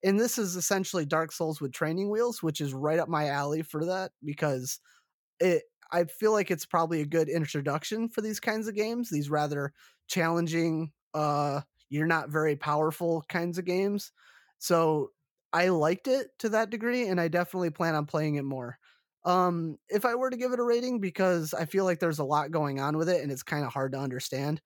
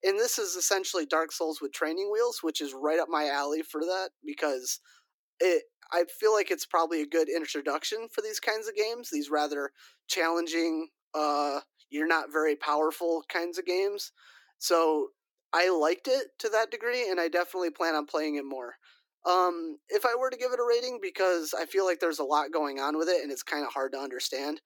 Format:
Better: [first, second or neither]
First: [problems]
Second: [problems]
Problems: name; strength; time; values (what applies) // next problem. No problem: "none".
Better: first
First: none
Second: thin; somewhat; fading below 300 Hz